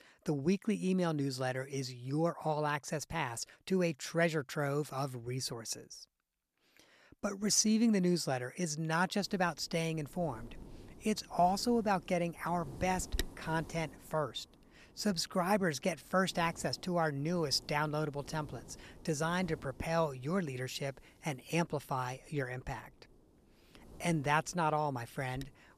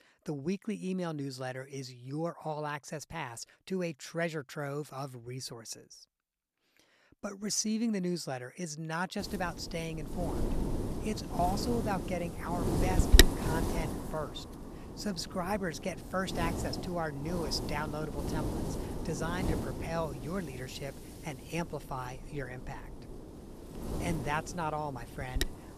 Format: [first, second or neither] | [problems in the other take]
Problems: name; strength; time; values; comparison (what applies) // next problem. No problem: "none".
first | wind noise on the microphone; heavy; from 9 s on; 1 dB above the speech; occasional gusts in the first